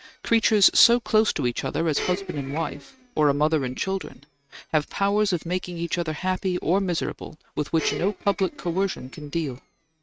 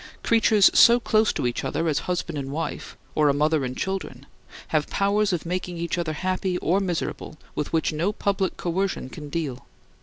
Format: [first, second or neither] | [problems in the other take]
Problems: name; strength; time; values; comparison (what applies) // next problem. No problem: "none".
second | noise reduction (neural mask model RNNoise)